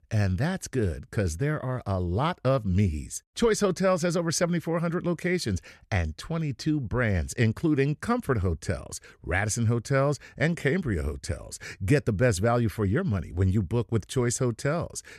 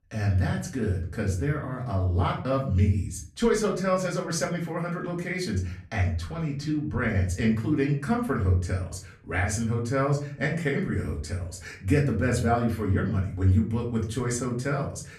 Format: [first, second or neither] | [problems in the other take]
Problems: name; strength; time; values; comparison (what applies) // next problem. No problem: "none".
first | off-mic speech; far // room echo; slight; dies away in 0.4 s